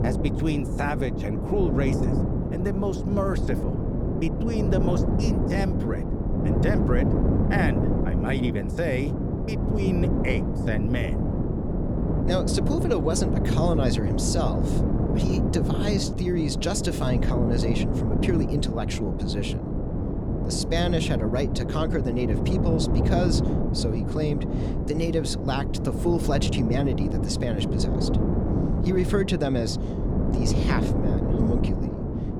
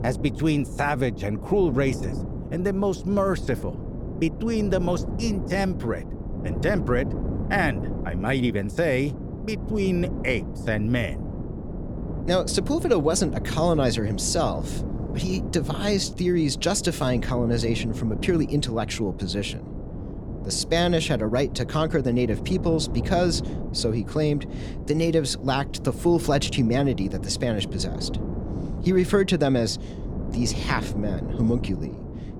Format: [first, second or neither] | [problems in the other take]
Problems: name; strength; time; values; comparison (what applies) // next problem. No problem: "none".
second | wind noise on the microphone; heavy; 2 dB below the speech; occasional gusts in the second